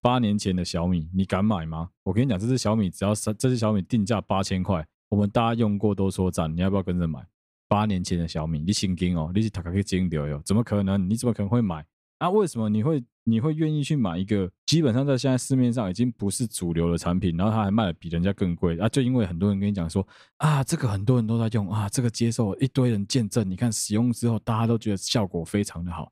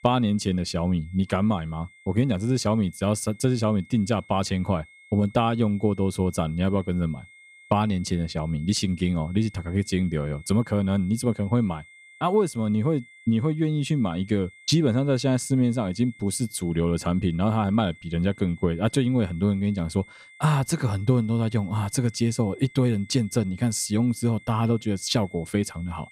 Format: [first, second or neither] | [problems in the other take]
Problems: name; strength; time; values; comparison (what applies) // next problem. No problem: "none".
first | high-pitched whine; faint; throughout; 2 kHz, 25 dB below the speech